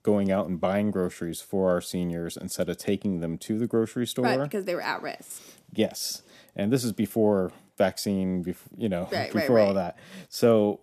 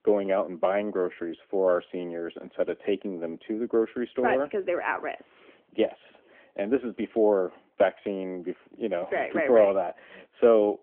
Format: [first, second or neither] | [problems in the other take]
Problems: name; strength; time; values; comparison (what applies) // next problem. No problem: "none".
first | phone-call audio